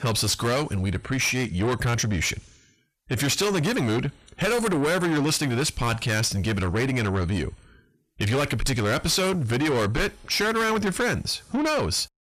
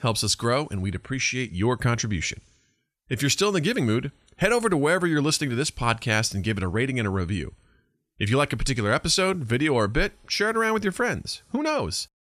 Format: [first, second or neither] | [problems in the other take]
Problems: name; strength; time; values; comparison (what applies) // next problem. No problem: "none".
second | distortion; heavy; 7 dB below the speech